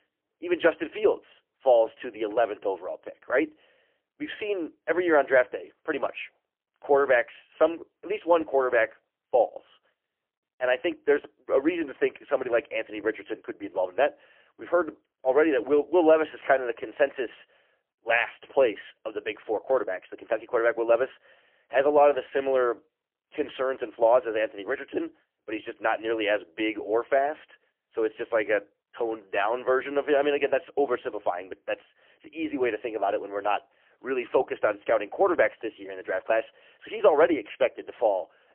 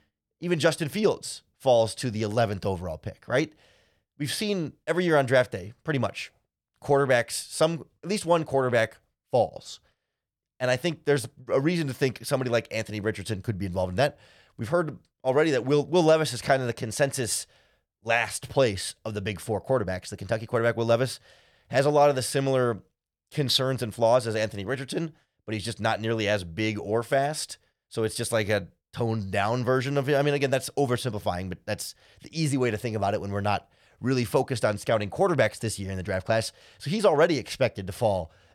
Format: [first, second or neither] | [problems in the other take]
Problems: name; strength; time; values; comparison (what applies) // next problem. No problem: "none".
second | phone-call audio; poor line; nothing above 3 kHz